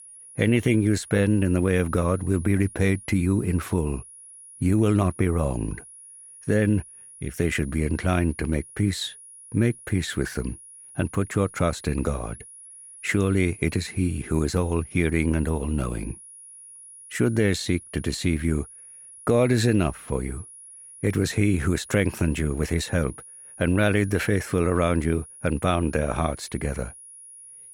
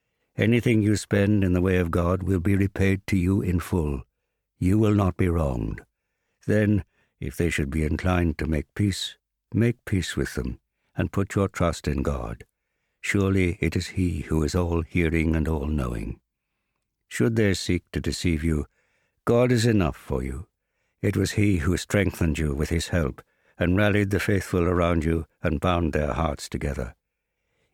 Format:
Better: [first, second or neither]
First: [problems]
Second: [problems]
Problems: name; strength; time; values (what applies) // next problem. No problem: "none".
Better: second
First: high-pitched whine; noticeable; throughout; 10.5 kHz, 20 dB below the speech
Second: none